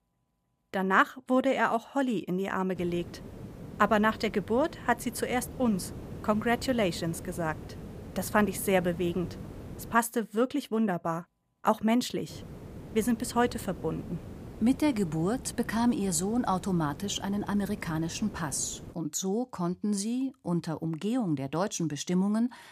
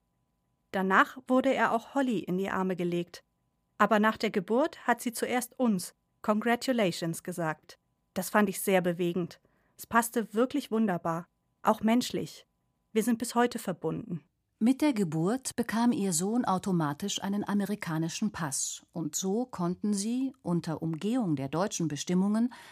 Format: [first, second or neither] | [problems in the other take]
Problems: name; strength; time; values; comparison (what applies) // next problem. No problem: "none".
second | hiss; noticeable; from 3 to 10 s and from 12 to 19 s; 15 dB below the speech